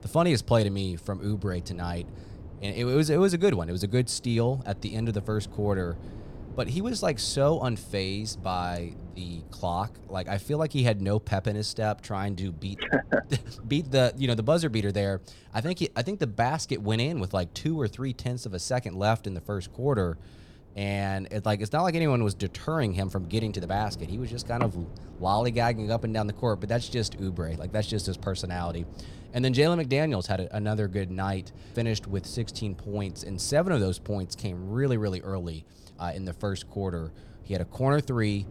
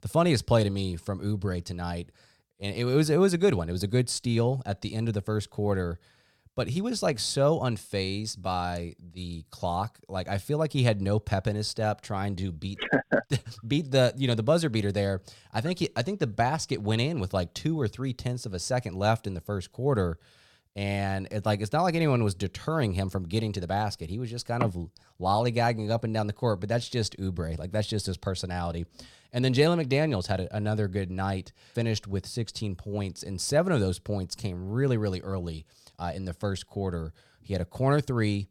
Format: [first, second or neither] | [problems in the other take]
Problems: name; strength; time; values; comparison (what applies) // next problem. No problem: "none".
second | wind noise on the microphone; occasional gusts; 25 dB below the speech